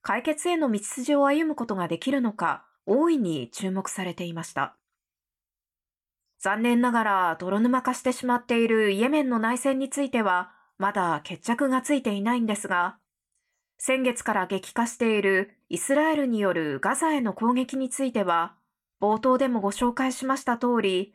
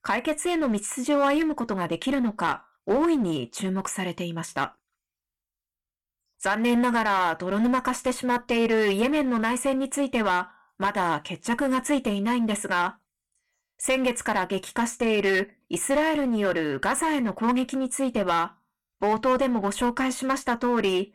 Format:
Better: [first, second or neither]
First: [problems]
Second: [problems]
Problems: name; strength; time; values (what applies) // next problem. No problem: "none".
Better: first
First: none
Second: distortion; slight; 9% of the sound clipped